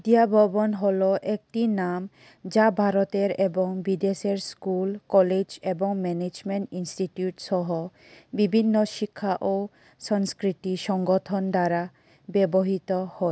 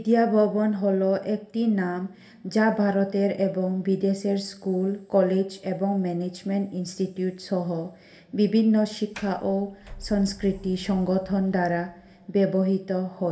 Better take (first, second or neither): first